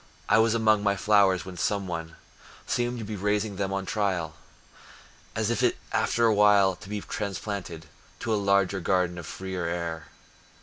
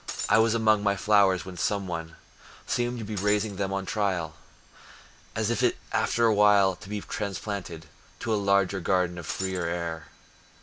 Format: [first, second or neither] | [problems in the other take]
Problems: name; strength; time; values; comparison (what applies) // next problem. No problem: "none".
first | background sound (Shatter); 9 dB below the speech